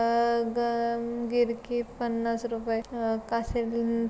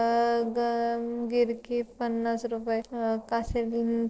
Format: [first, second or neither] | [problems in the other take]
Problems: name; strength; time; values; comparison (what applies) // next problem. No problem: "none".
first | noise reduction (neural separator model SepFormer DNS4)